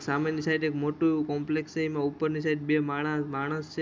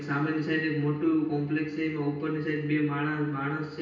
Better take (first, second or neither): first